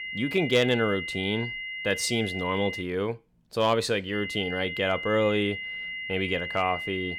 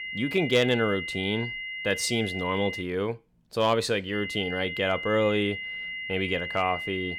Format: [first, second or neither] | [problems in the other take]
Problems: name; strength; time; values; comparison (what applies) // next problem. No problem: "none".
neither | high-pitched whine; loud; until 3 s and from 4 s on; 2 kHz, 6 dB below the speech; the same in both